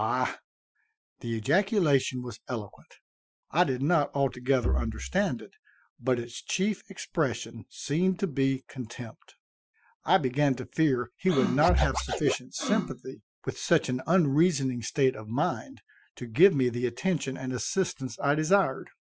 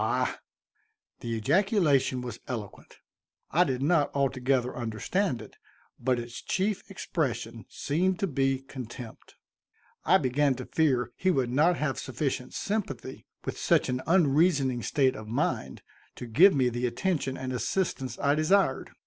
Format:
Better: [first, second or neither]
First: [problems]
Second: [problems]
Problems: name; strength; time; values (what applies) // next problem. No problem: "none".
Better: second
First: noise reduction (classical method Wiener filter)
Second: none